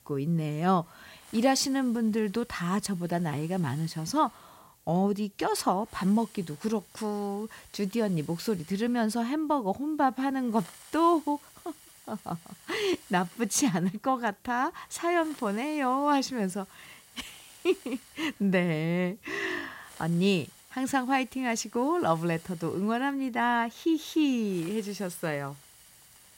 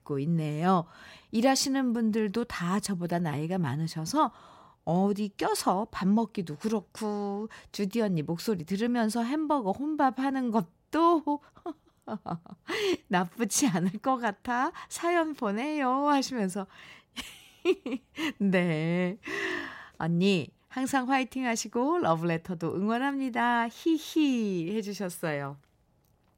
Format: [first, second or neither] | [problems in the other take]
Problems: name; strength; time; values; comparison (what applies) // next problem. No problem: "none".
second | hiss; faint; throughout; 25 dB below the speech